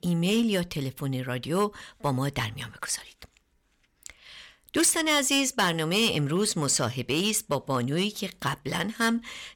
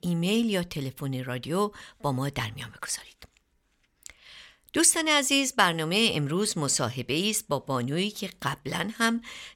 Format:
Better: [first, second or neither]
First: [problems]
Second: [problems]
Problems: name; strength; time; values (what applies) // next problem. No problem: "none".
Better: second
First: distortion; slight; 3% of the sound clipped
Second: none